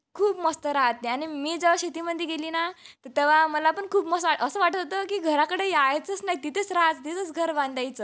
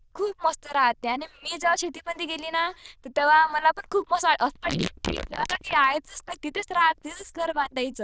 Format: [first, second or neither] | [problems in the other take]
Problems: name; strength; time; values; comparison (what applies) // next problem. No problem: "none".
first | noise reduction (neural diffusion model UNIVERSE++)